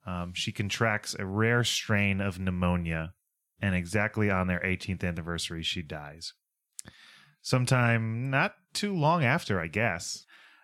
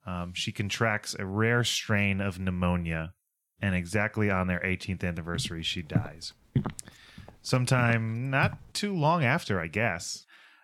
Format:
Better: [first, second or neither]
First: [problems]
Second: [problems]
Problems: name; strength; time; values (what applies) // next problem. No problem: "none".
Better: first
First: none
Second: footsteps; noticeable; from 5.5 to 8.5 s; peak 4 dB below the speech